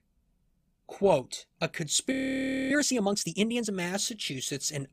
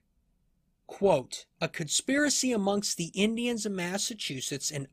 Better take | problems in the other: second | audio freezing; at 2 s for 0.5 s

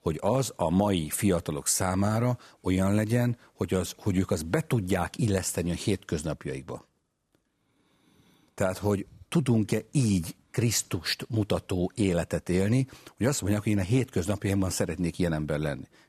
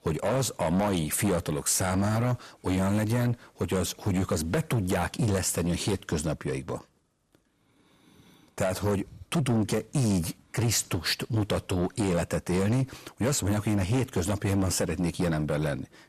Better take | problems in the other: first | distortion; heavy; 8 dB below the speech

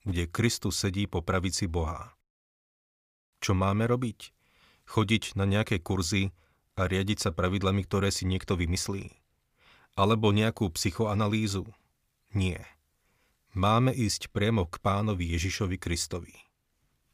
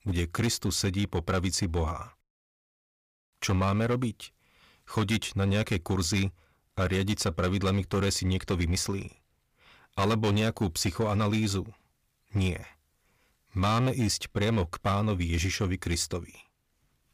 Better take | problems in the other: first | distortion; slight; 8% of the sound clipped

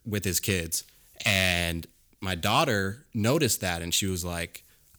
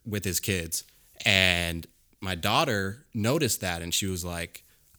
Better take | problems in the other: second | distortion; slight; 0.4% of the sound clipped

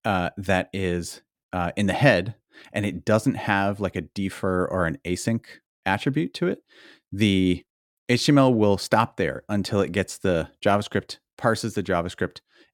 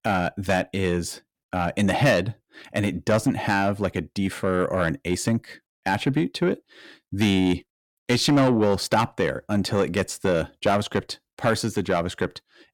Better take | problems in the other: first | distortion; slight; 10 dB below the speech

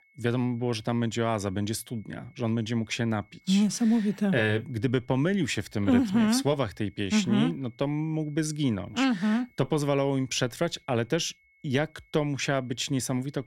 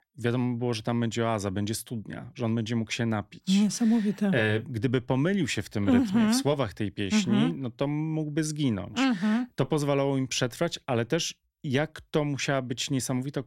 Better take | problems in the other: second | high-pitched whine; faint; throughout; 2 kHz, 35 dB below the speech

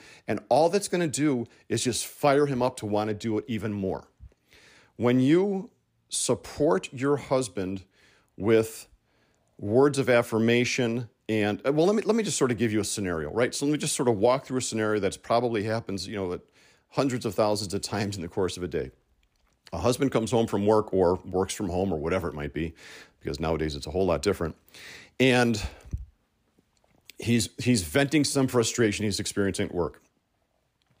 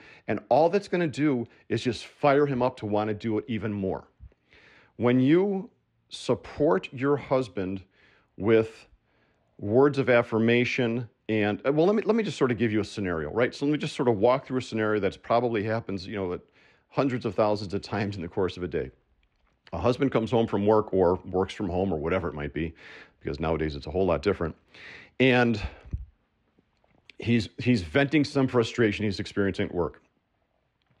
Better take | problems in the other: first | muffled; slightly; fading above 2.5 kHz

